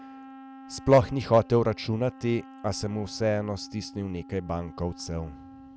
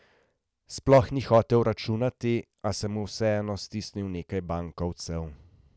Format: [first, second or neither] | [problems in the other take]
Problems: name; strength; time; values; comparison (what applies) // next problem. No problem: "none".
second | background sound (Wind instrument, woodwind instrument); 19 dB below the speech